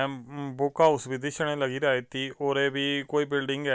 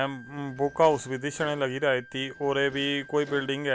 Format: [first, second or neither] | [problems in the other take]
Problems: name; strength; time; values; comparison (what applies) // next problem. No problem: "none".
first | background sound (Wind instrument, woodwind instrument + Door); 20 dB below the speech